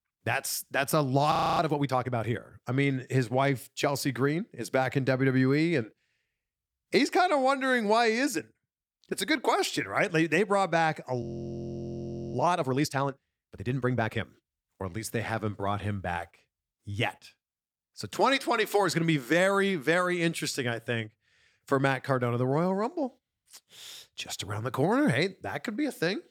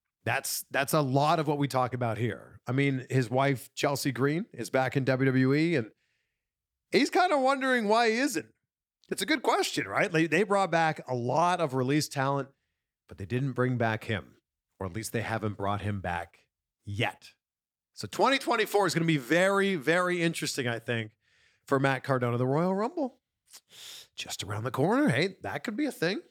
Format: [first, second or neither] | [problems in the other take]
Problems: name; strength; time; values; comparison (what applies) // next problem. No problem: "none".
second | audio freezing; at 1.5 s and at 11 s for 1 s